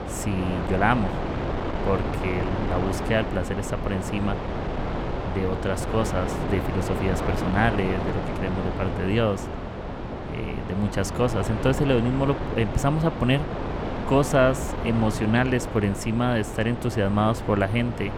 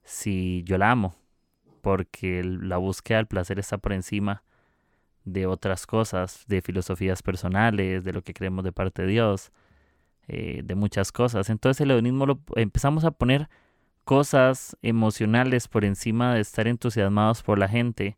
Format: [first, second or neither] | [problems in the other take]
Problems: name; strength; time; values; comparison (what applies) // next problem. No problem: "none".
second | wind noise on the microphone; heavy; 5 dB below the speech